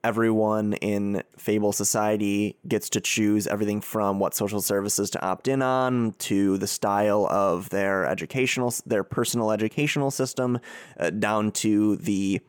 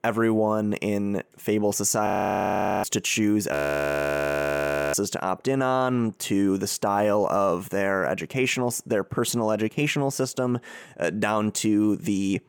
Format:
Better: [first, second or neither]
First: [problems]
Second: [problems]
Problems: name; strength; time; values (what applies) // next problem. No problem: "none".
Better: first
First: none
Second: audio freezing; at 2 s for 1 s and at 3.5 s for 1.5 s